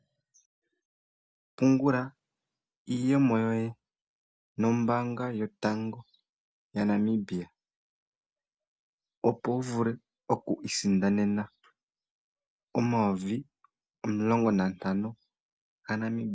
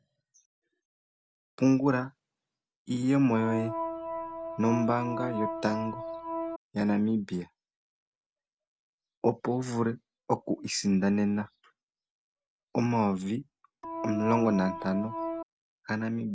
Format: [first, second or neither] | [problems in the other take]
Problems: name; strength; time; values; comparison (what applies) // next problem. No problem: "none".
first | background sound (Organ); 4 dB below the speech